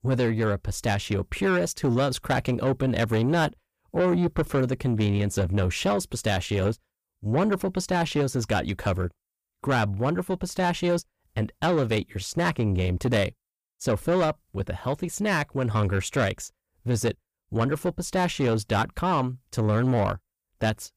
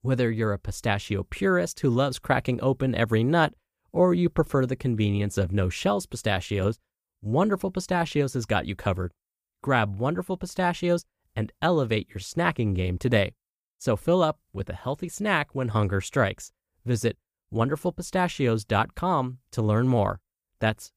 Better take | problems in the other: second | distortion; slight; 10 dB below the speech

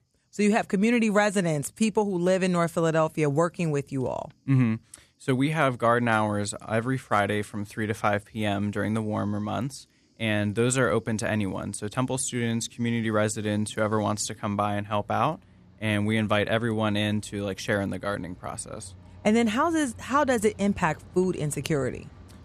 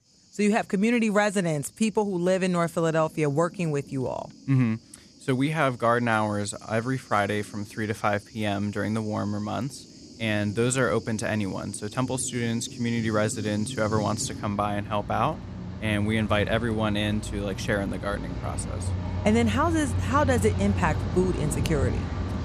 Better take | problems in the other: first | rain or running water; loud; throughout; 7 dB below the speech; faint in the first

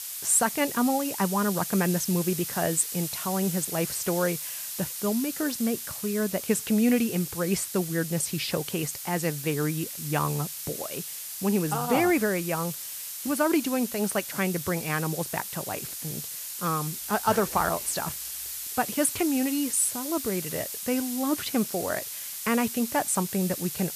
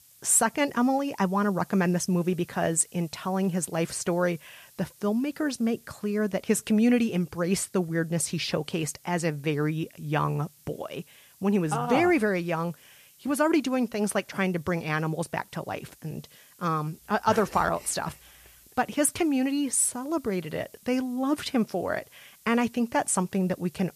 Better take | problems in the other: second | hiss; loud; throughout; 6 dB below the speech; faint in the second

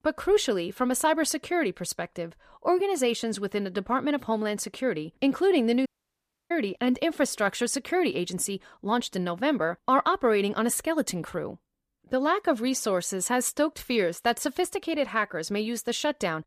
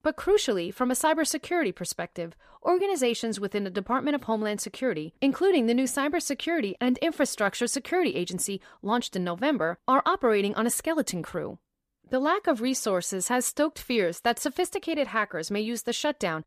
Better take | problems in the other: second | audio cutting out; at 6 s for 0.5 s

